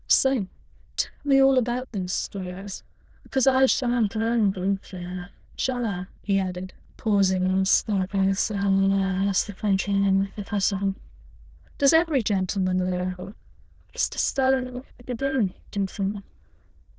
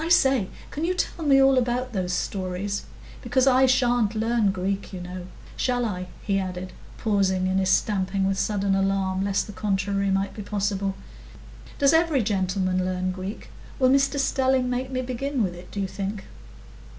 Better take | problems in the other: second | noise reduction (neural diffusion model UNIVERSE++)

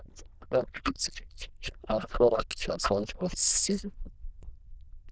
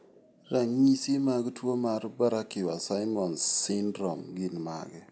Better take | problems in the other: second | noise reduction (neural diffusion model UNIVERSE++)

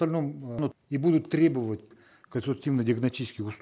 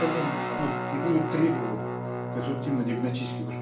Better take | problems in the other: first | background sound (Guitar); 2 dB below the speech // room echo; dies away in 0.4 s

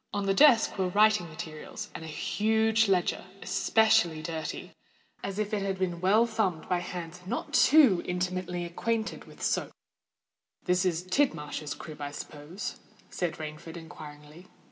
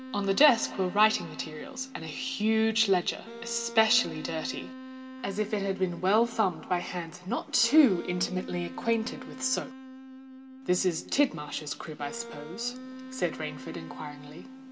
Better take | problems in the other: first | background sound (Wind instrument, woodwind instrument); 14 dB below the speech

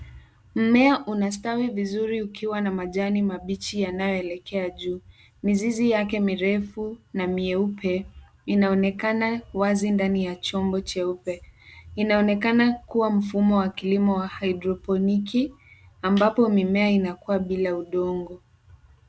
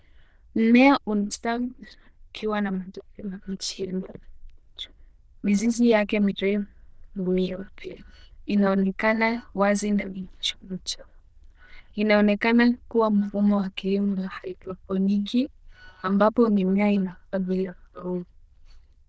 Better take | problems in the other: first | noise reduction (neural diffusion model UNIVERSE++)

